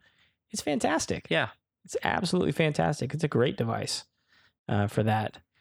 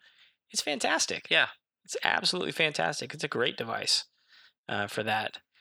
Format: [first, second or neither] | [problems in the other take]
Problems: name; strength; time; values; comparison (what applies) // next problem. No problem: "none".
first | thin; somewhat; fading below 700 Hz